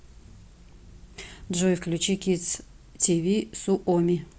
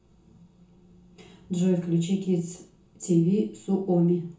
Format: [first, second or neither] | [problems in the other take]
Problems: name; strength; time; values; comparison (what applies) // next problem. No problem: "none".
first | room echo; dies away in 0.6 s